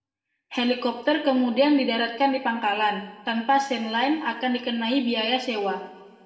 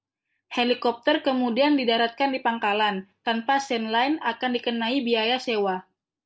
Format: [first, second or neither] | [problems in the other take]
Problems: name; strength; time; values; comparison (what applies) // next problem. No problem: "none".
second | room echo; dies away in 1.5 s